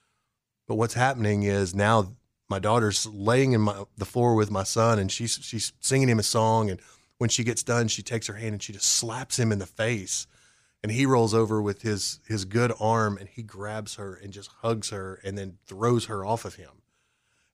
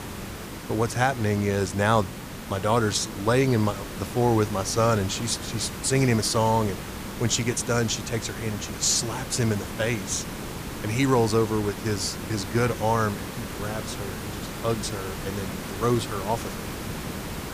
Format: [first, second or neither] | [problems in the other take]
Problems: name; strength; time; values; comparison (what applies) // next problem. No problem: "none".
first | hiss; loud; throughout; 9 dB below the speech